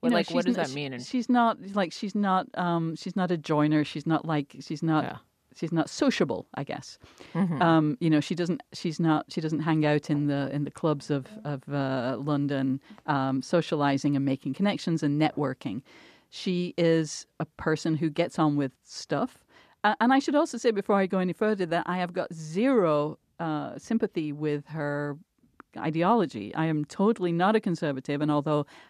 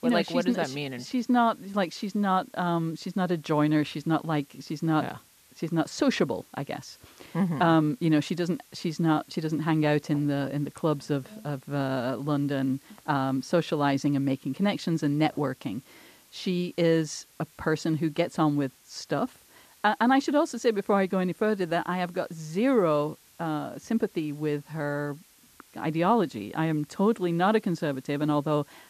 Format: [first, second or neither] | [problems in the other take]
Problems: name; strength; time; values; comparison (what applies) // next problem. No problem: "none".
first | hiss; faint; throughout; 30 dB below the speech